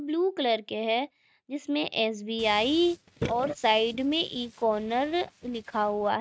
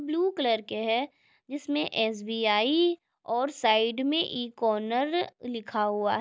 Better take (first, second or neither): second